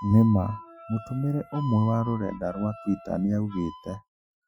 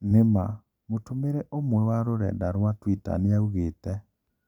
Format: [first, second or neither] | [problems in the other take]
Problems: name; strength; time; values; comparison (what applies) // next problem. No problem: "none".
second | noise reduction (classical method Wiener filter)